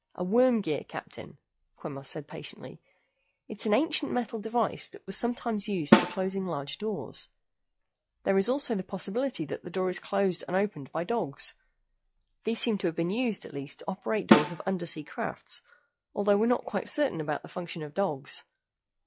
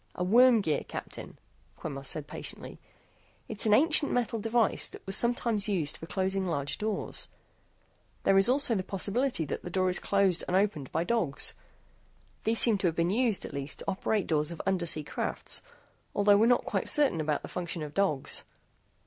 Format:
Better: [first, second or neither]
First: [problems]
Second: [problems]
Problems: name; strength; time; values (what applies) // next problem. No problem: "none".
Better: second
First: noise reduction (classical method log-MMSE)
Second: none